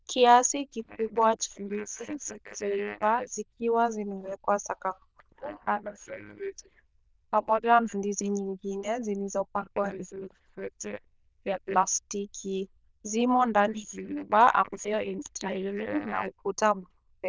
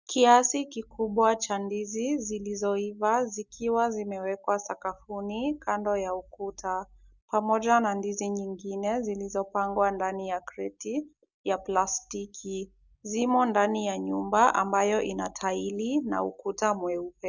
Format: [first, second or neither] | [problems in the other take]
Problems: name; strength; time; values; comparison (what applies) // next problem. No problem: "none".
second | noise reduction (neural diffusion model UNIVERSE++)